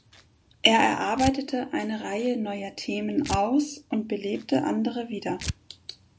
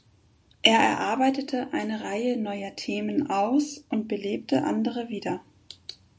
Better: second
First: background sound (Tearing); 14 dB below the speech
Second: none

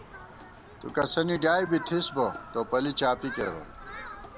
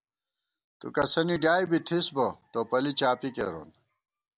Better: second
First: background sound (Human group actions); 13 dB below the speech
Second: none

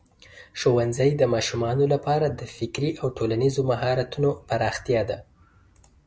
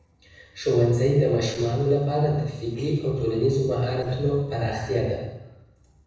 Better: first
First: none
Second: noise reduction (neural separator model SepFormer DNS4)

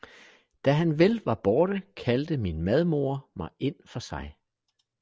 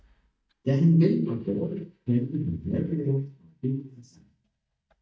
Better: first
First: none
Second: noise reduction (neural mask model DeepFilterNet 3)

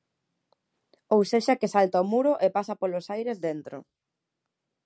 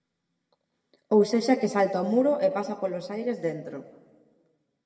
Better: first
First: none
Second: room echo; dies away in 1.2 s

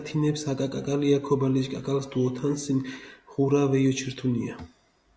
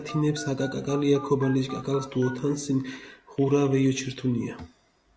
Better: first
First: none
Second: background sound (Telephone); 19 dB below the speech

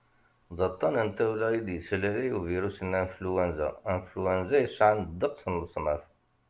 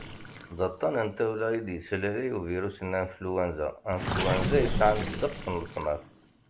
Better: first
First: none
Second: background sound (Gurgling); 6 dB below the speech

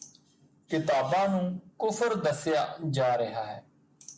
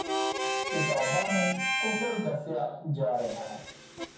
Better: first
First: none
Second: background sound (Harmonica); as loud as the speech // room echo; dies away in 0.6 s

